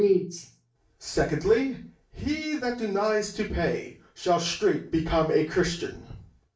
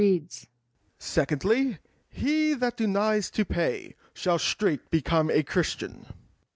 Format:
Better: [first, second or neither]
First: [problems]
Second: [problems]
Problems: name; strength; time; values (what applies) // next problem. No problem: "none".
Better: second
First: room echo; dies away in 0.3 s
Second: none